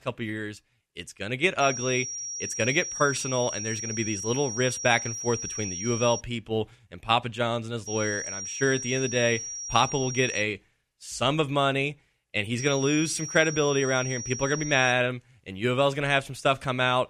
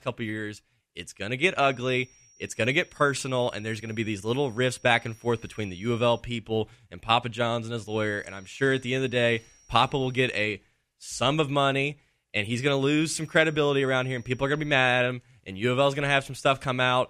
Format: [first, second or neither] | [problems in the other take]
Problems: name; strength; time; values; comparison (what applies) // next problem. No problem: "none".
second | high-pitched whine; loud; from 1.5 to 6 s, from 8 to 10 s and from 13 to 15 s; 5.5 kHz, 6 dB below the speech; faint in the second